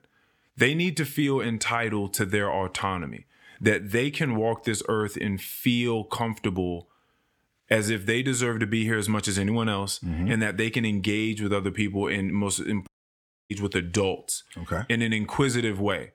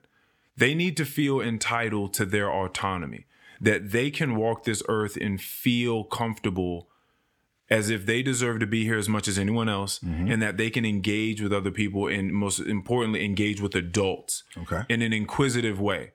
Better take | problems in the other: second | audio cutting out; at 13 s for 0.5 s

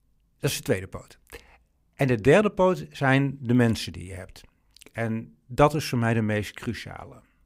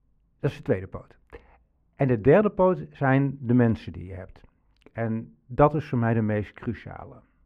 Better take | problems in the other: first | muffled; very; fading above 3.5 kHz

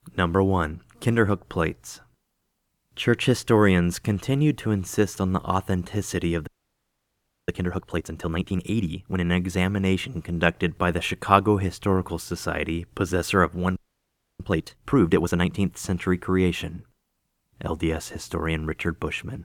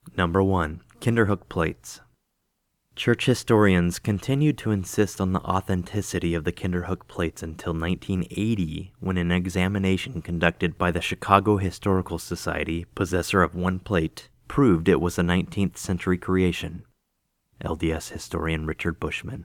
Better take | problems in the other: second | audio freezing; at 6.5 s for 1 s and at 14 s for 0.5 s

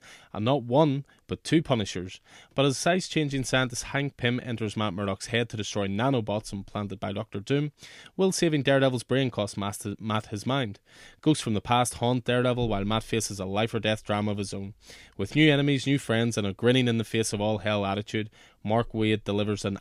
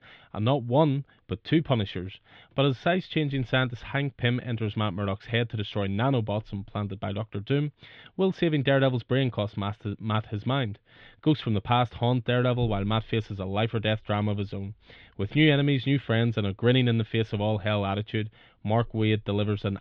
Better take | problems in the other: first | muffled; very; fading above 3.5 kHz

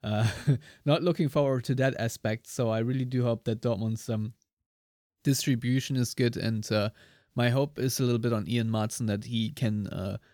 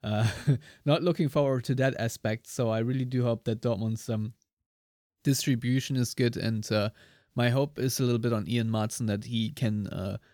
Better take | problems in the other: neither | none

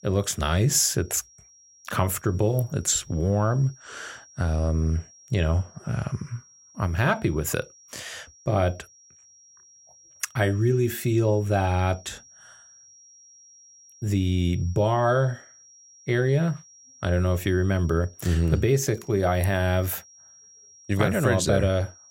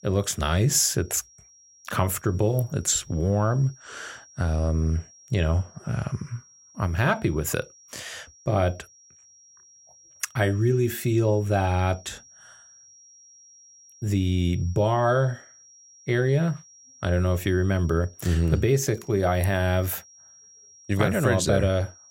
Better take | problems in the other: neither | high-pitched whine; faint; throughout; 5.5 kHz, 25 dB below the speech; the same in both

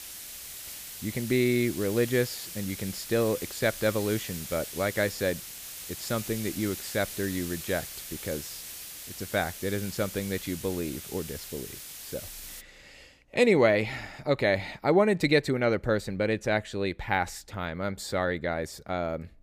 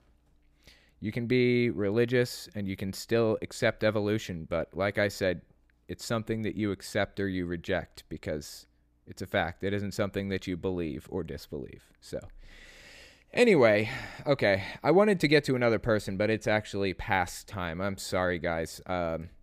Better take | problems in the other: second | hiss; loud; until 13 s; 10 dB below the speech

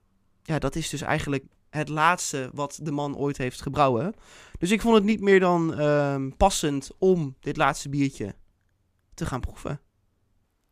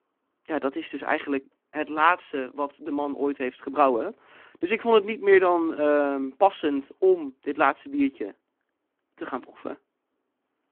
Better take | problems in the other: first | phone-call audio

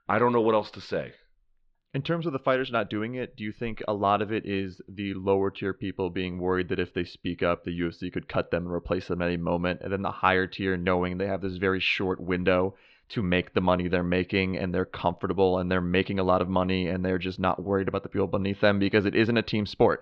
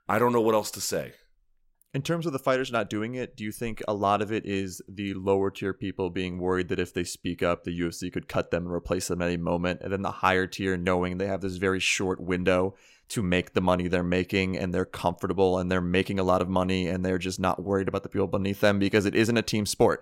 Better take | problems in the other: second | muffled; slightly; fading above 4 kHz

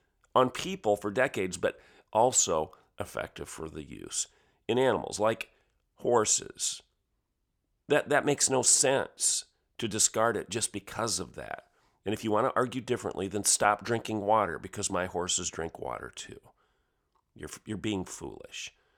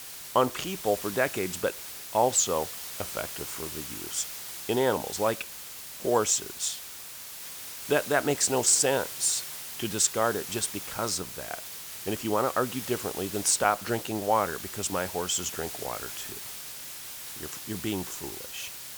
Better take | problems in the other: first | hiss; loud; throughout; 9 dB below the speech

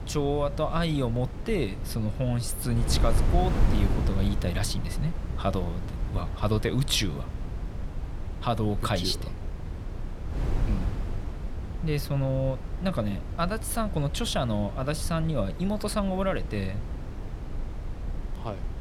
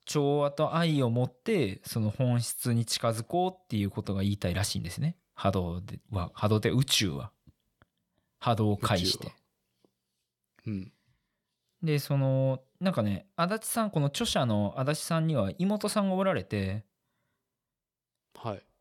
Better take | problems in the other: second | wind noise on the microphone; occasional gusts; 10 dB below the speech

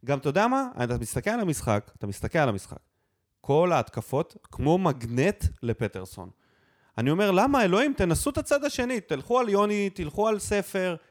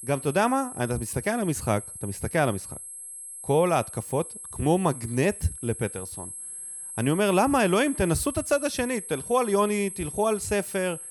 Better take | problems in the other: first | high-pitched whine; noticeable; throughout; 11 kHz, 10 dB below the speech

